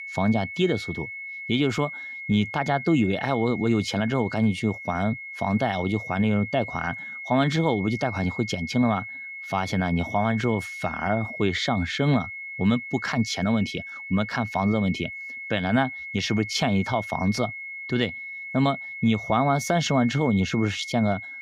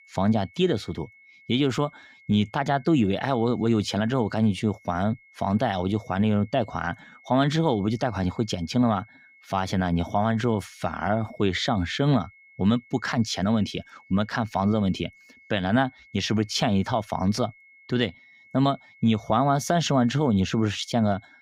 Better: second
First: high-pitched whine; loud; throughout; 2 kHz, 9 dB below the speech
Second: high-pitched whine; faint; throughout; 2 kHz, 25 dB below the speech

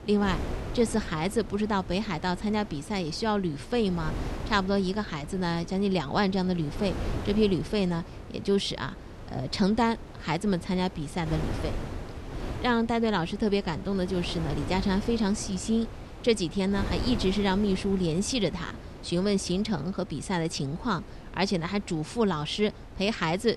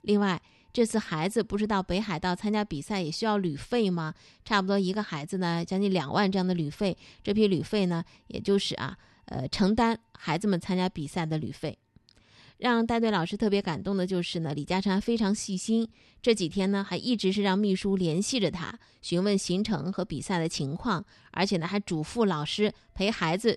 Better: second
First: wind noise on the microphone; occasional gusts; 15 dB below the speech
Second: none

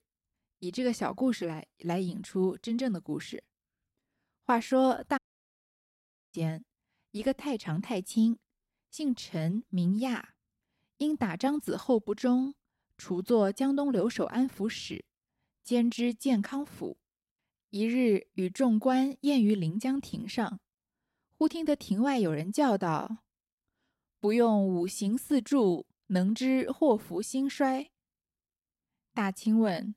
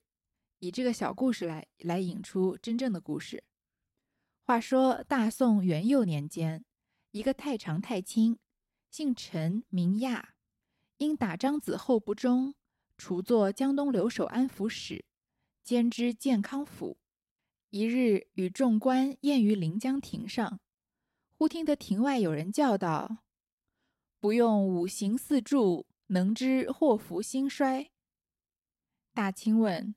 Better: second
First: audio cutting out; at 5 s for 1 s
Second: none

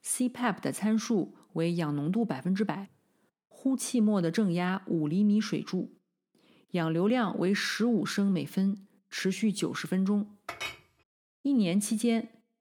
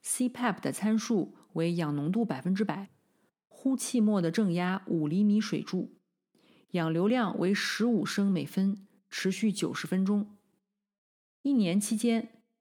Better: second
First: clattering dishes; noticeable; at 10 s; peak 8 dB below the speech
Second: none

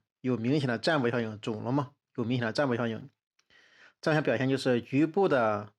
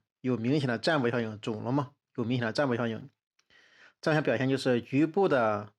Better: neither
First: none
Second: none

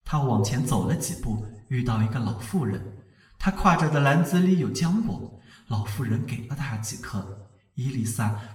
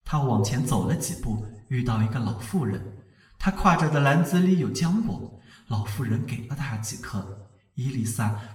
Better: neither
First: room echo; slight; dies away in 0.7 s // off-mic speech; somewhat distant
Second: room echo; slight; dies away in 0.7 s // off-mic speech; somewhat distant

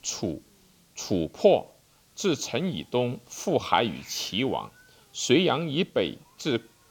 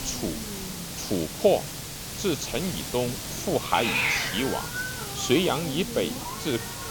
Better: first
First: hiss; faint; throughout; 30 dB below the speech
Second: hiss; loud; throughout; 3 dB below the speech

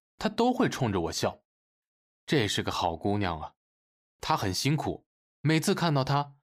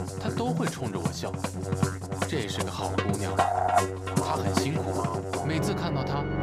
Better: first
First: none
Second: background music; very loud; throughout; 4 dB above the speech

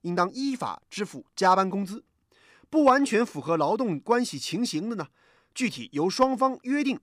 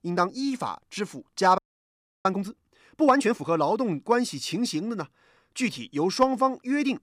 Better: first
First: none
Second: audio freezing; at 1.5 s for 0.5 s

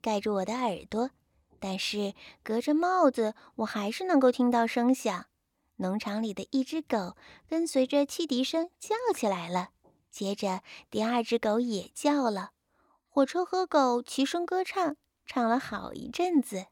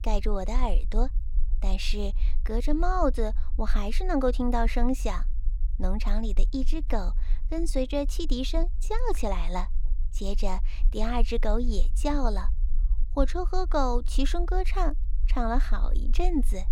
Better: first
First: none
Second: low rumble; faint; throughout; 25 dB below the speech

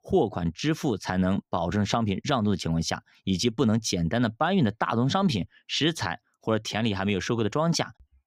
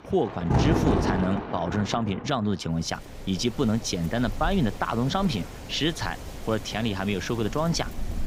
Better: first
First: none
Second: rain or running water; loud; throughout; 4 dB below the speech

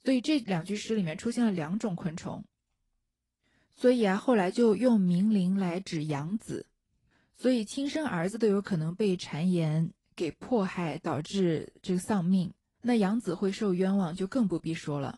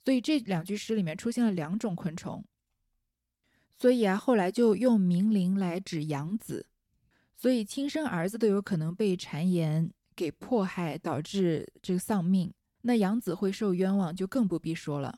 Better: second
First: garbled, watery; slightly; nothing above 11 kHz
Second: none

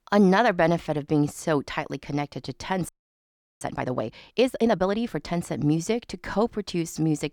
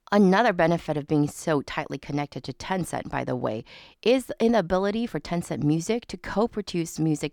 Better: second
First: audio freezing; at 3 s for 0.5 s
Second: none

